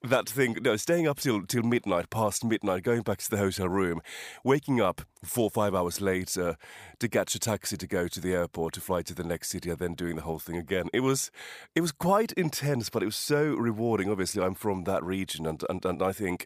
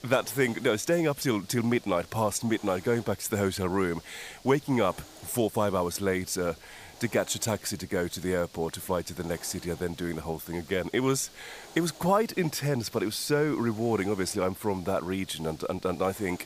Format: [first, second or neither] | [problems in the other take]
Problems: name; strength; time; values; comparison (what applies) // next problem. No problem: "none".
first | hiss; faint; throughout; 20 dB below the speech